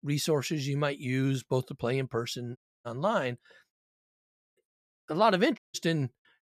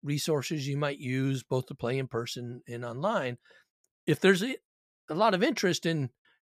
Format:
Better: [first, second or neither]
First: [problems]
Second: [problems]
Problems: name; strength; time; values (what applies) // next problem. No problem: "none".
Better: second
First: audio cutting out; at 2.5 s, at 4 s for 0.5 s and at 5.5 s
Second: none